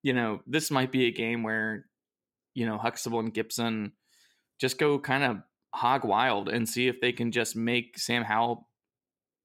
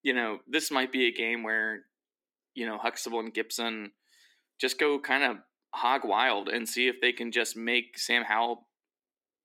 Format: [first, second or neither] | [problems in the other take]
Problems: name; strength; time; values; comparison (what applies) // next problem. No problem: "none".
first | thin; very slightly; fading below 250 Hz